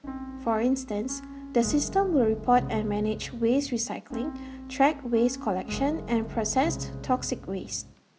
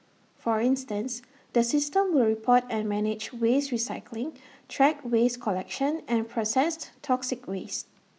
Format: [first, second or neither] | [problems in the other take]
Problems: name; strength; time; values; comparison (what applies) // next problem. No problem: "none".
second | background sound (Piano); 11 dB below the speech